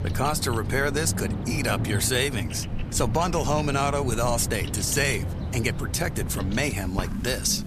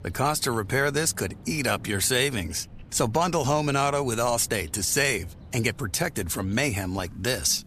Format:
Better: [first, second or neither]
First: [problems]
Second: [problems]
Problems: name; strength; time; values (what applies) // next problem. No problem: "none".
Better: second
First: animal sounds; loud; throughout; 5 dB below the speech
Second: animal sounds; faint; throughout; 20 dB below the speech